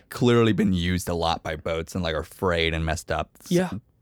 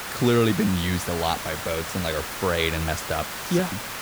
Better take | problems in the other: first | hiss; loud; throughout; 6 dB below the speech

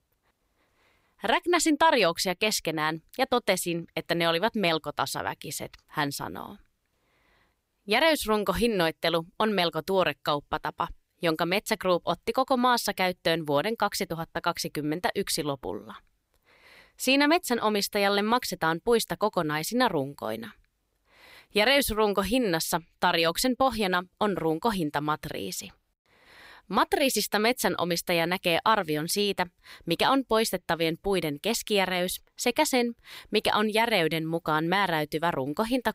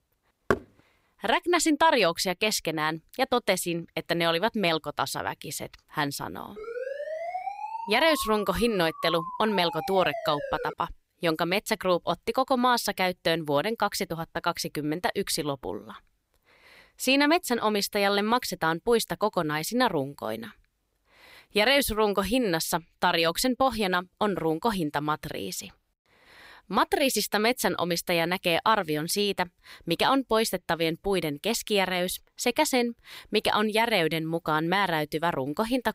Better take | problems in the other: first | door banging; noticeable; at 0.5 s; peak 3 dB below the speech // siren; noticeable; from 6.5 to 11 s; peak 7 dB below the speech

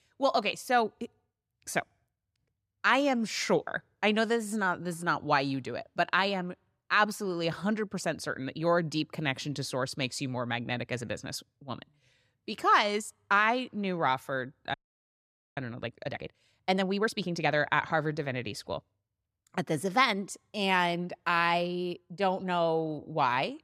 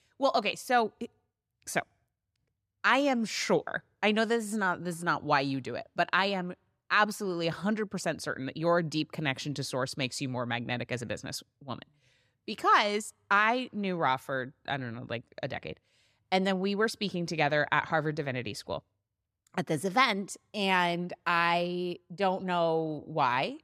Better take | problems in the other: second | audio freezing; at 15 s for 1 s

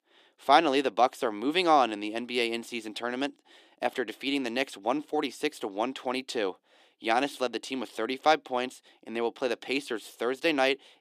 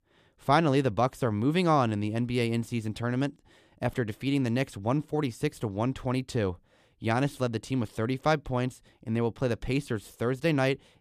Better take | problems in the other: second | thin; somewhat; fading below 300 Hz

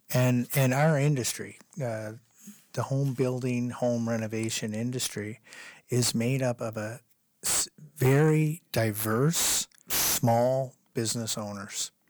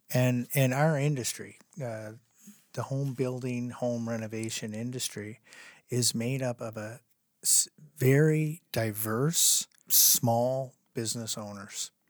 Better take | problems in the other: second | distortion; heavy; 7 dB below the speech

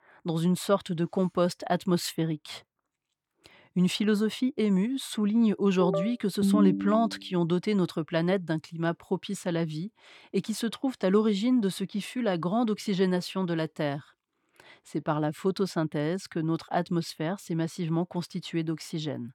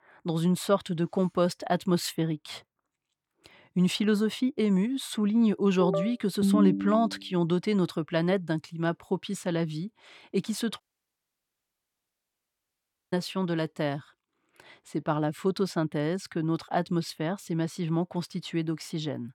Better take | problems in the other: first | audio cutting out; at 11 s for 2.5 s

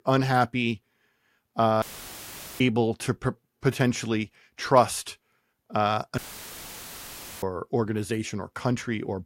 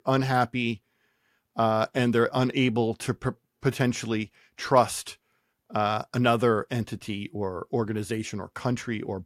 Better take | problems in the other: second | audio cutting out; filled with static; at 2 s for 1 s and at 6 s for 1 s

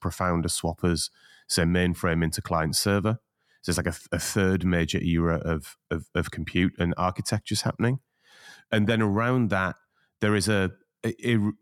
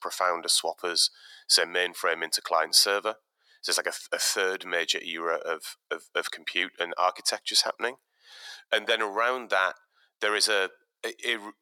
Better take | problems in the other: first | thin; very; fading below 500 Hz

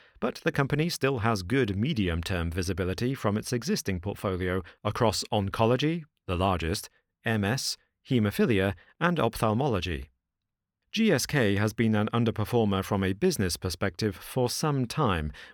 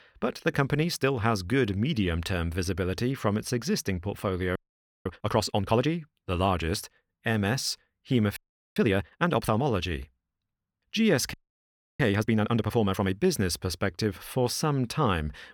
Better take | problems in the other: first | audio freezing; at 4.5 s, at 8.5 s and at 11 s for 0.5 s

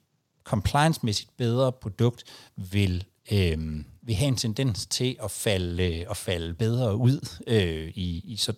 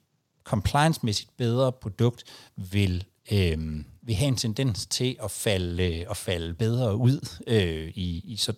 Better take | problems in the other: neither | none

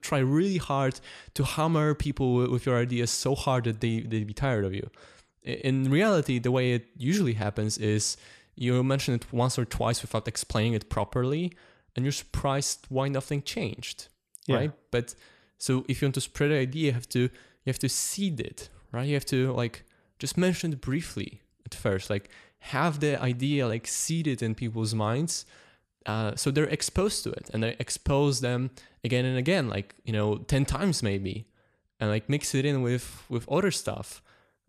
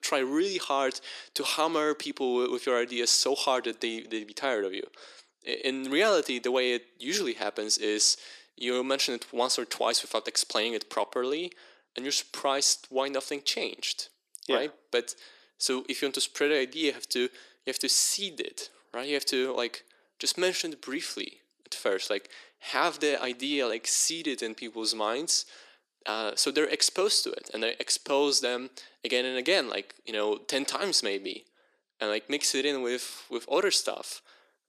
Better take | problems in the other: first | thin; somewhat; fading below 300 Hz

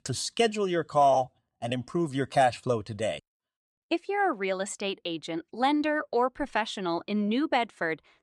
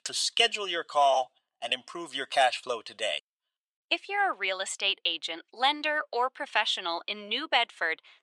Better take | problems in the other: first | thin; very; fading below 700 Hz

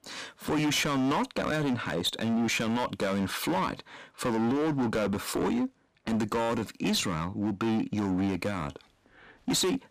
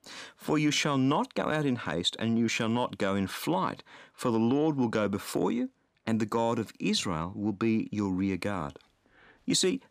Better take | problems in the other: second | distortion; heavy; 19% of the sound clipped

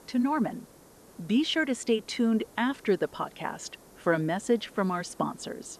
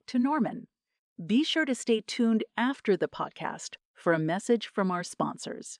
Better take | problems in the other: second | hiss; faint; throughout; 25 dB below the speech

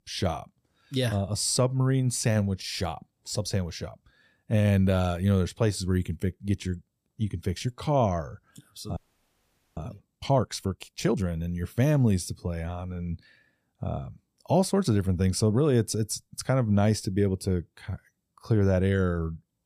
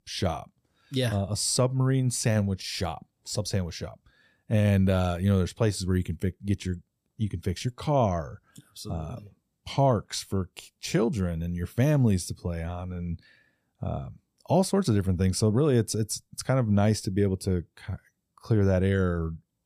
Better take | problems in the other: second | audio freezing; at 9 s for 1 s

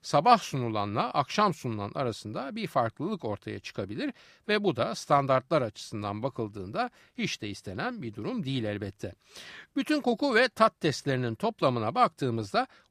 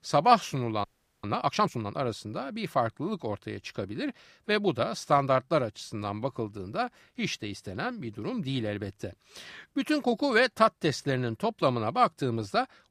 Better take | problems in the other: first | audio freezing; at 1 s

